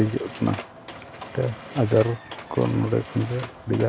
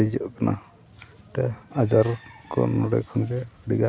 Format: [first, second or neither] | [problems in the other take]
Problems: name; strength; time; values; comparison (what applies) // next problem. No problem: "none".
second | background sound (Mechanisms); 15 dB below the speech